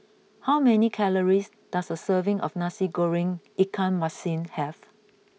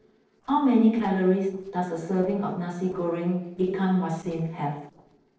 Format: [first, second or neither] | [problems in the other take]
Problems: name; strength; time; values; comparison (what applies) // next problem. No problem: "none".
first | noise reduction (neural separator model SepFormer DNS4)